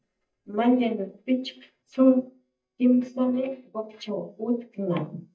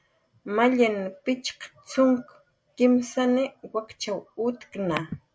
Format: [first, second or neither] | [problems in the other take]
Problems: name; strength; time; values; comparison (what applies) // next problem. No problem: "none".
second | noise reduction (neural mask model DeepFilterNet 3)